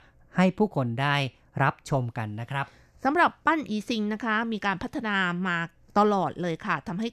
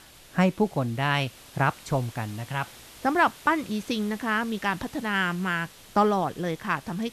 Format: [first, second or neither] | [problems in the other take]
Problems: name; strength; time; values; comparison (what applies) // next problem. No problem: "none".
first | hiss; noticeable; throughout; 20 dB below the speech